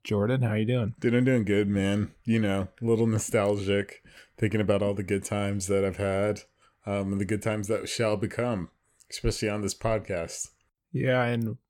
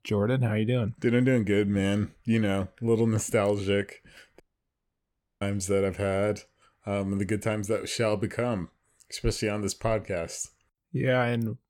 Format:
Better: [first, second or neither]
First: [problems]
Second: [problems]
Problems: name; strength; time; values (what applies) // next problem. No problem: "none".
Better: first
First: none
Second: audio cutting out; at 4.5 s for 1 s